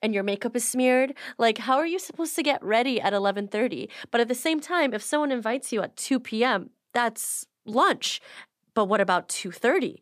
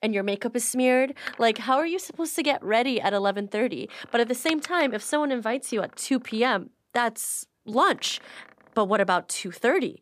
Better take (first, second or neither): first